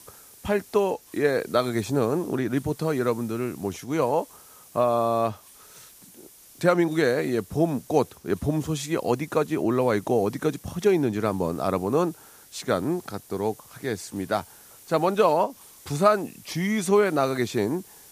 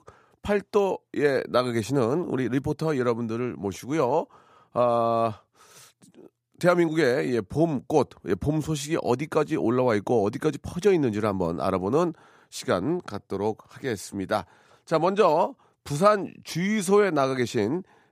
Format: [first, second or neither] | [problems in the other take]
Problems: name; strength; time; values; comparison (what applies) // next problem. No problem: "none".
second | hiss; faint; throughout; 20 dB below the speech